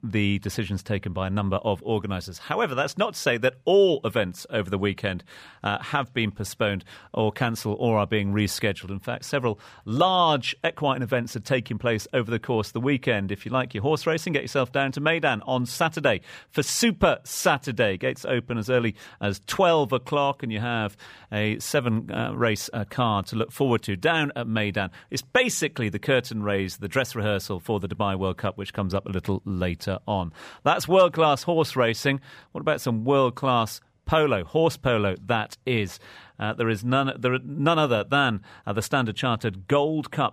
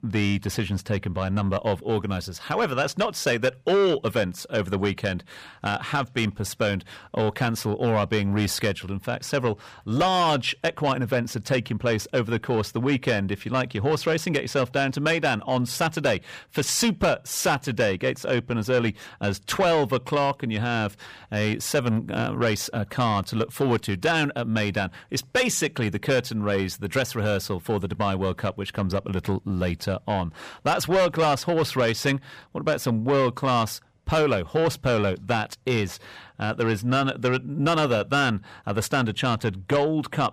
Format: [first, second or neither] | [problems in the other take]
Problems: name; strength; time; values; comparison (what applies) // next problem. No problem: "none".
first | distortion; slight; 10 dB below the speech